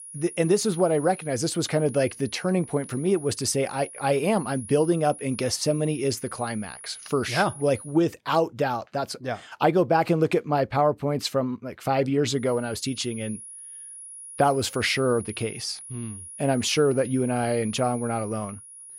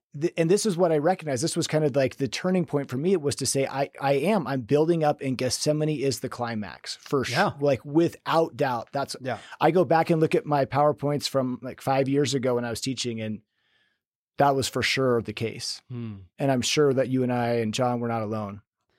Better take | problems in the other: second | high-pitched whine; noticeable; until 8 s and from 12 s on; 10.5 kHz, 15 dB below the speech

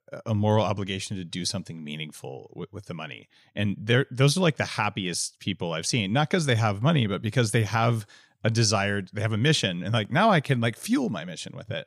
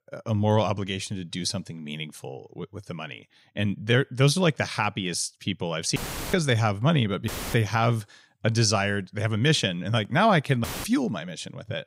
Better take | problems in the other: first | audio cutting out; filled with static; at 6 s, at 7.5 s and at 11 s

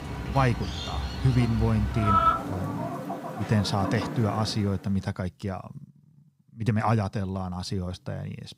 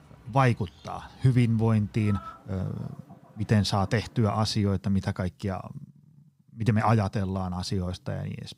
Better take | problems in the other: second | animal sounds; loud; until 4.5 s; 2 dB below the speech; faint in the second

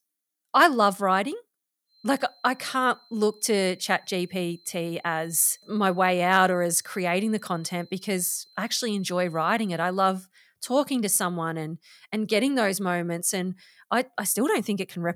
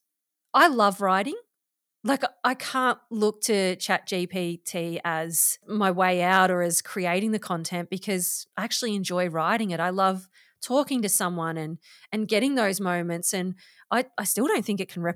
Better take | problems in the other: second | high-pitched whine; faint; from 2 to 10 s; 4 kHz, 30 dB below the speech

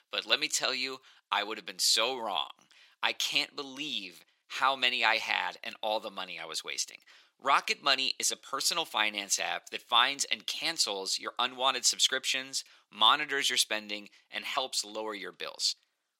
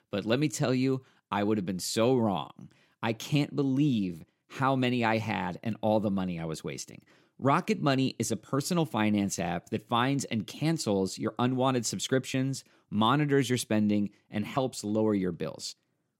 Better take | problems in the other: second | thin; very; fading below 950 Hz

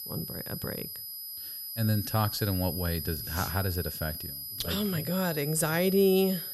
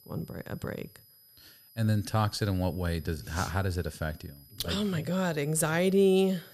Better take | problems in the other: second | high-pitched whine; loud; throughout; 12 kHz, 6 dB below the speech; faint in the second

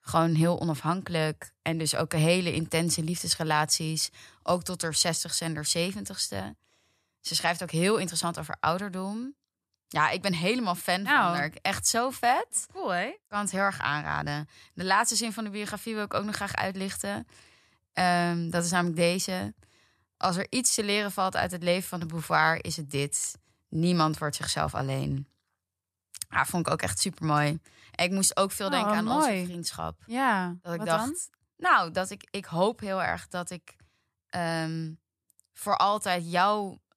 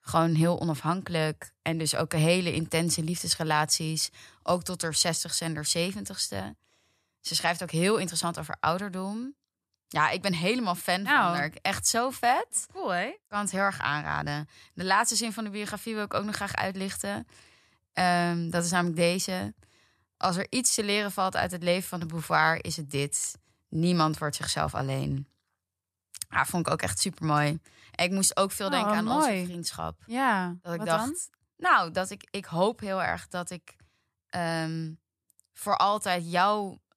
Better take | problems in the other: neither | none

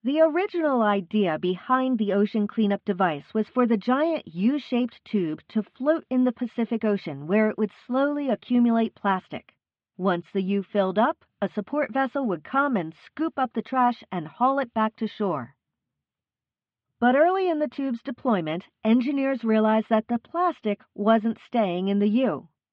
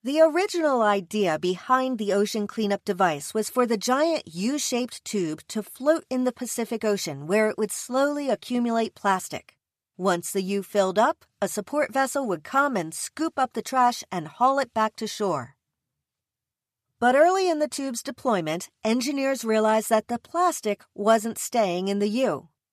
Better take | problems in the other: second | muffled; very; fading above 3.5 kHz

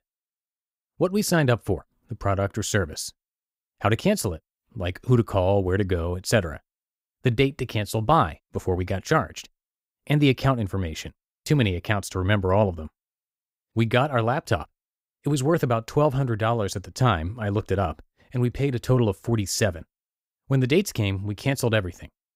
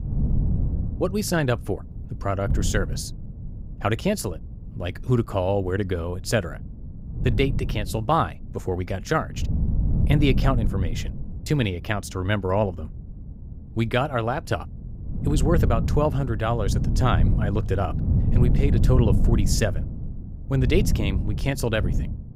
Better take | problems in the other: first | wind noise on the microphone; occasional gusts; 10 dB below the speech

